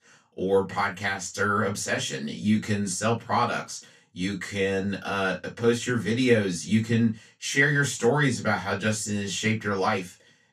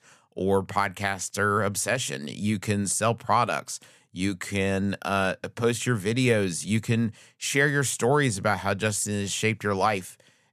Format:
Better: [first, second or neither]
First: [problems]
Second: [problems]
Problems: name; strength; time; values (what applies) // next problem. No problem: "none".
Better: second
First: room echo; slight; dies away in 0.2 s // off-mic speech; far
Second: none